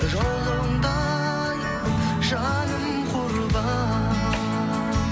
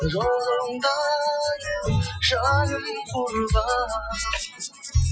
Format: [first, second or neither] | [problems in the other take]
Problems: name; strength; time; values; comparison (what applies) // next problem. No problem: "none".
first | noise reduction (classical method Wiener filter)